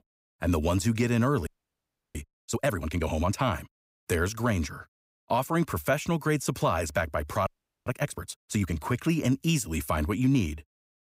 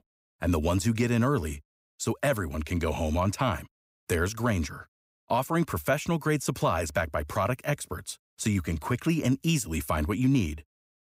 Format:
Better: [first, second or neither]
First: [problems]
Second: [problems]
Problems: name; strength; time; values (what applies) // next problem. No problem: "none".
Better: second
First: audio freezing; at 1.5 s for 0.5 s and at 7.5 s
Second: none